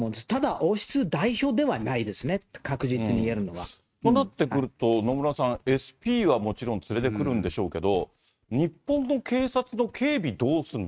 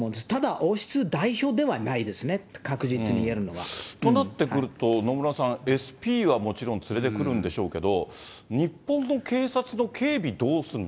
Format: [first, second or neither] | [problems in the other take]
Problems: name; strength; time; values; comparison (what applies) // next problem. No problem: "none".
second | noise reduction (neural mask model RNNoise)